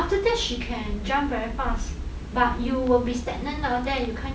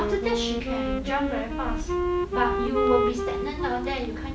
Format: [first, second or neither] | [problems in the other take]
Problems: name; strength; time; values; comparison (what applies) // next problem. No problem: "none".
first | background sound (Wind instrument, woodwind instrument); as loud as the speech